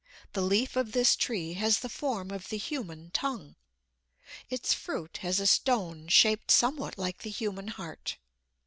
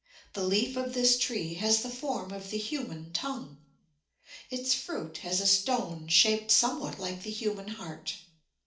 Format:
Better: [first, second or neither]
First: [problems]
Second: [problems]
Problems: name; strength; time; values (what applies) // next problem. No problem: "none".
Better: first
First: none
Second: room echo; dies away in 0.4 s